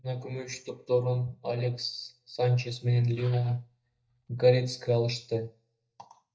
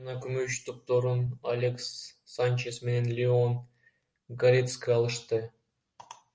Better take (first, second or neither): second